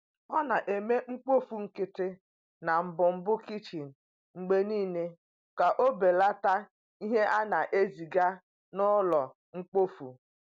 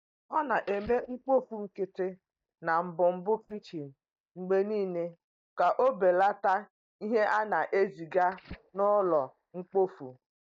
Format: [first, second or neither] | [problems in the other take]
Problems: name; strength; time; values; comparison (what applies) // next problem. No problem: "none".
first | noise reduction (neural mask model DeepFilterNet 3)